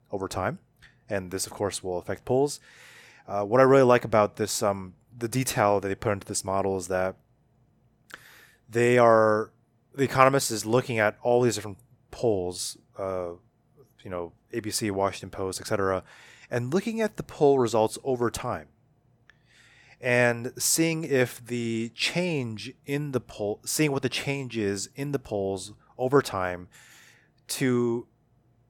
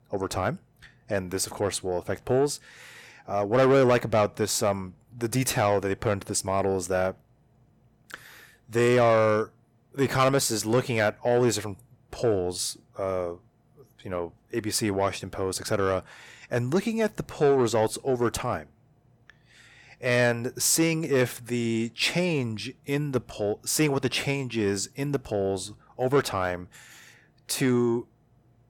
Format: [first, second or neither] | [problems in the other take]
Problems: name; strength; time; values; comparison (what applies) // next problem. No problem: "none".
first | distortion; slight; 10 dB below the speech